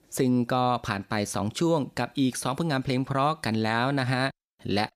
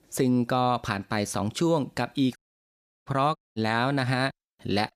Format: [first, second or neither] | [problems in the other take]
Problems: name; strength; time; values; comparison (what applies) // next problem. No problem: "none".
first | audio cutting out; at 2.5 s for 0.5 s and at 3.5 s